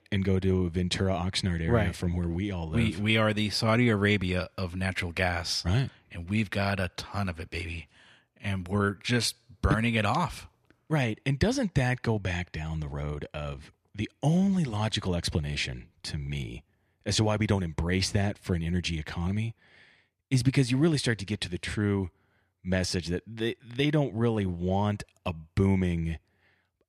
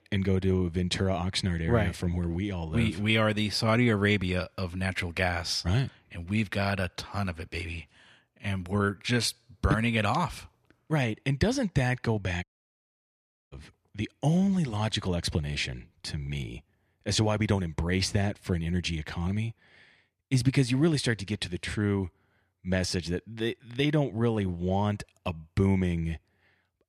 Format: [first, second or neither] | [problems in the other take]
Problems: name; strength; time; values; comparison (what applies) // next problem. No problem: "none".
first | audio cutting out; at 12 s for 1 s